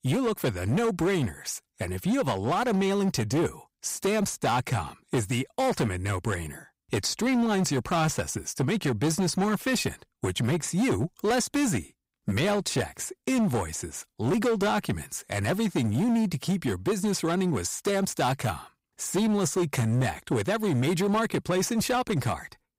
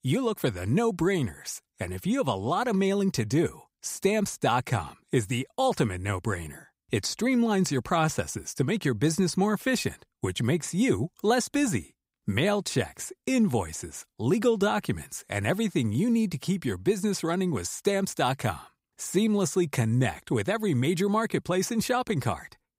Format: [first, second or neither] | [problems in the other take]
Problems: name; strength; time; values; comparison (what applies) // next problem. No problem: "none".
second | distortion; slight; 14% of the sound clipped